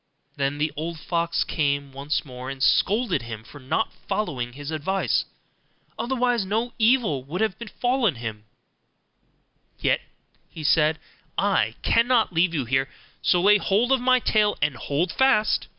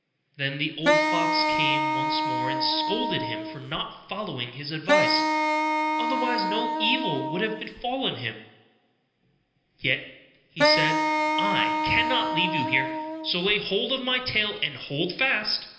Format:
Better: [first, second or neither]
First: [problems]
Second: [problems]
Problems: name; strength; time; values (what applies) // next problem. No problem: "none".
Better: first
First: none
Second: background sound (Wind instrument, woodwind instrument); 3 dB above the speech // room echo; dies away in 0.8 s